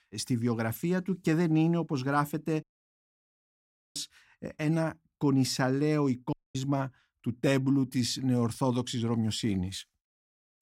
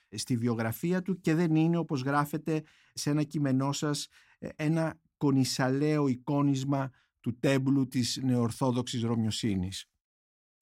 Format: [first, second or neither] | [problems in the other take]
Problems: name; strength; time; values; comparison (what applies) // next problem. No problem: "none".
second | audio cutting out; at 2.5 s for 1.5 s and at 6.5 s